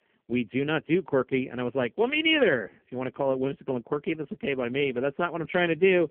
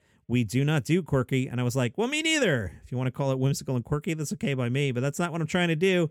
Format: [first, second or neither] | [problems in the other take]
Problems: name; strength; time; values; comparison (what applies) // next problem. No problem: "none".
second | phone-call audio; poor line; nothing above 3 kHz